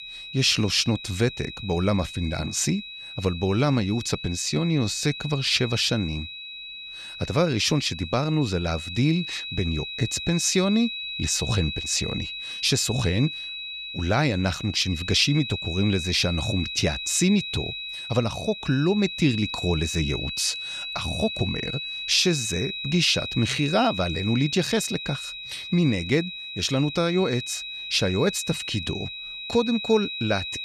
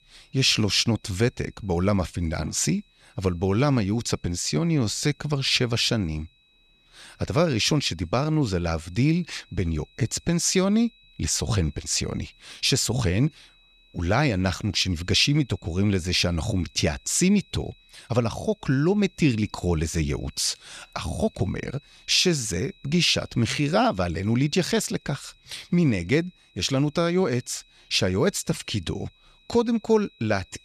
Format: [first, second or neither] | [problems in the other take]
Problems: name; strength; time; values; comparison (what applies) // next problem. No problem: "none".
second | high-pitched whine; loud; throughout; 4 kHz, 7 dB below the speech; faint in the second